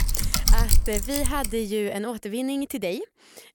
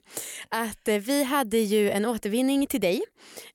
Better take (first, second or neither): second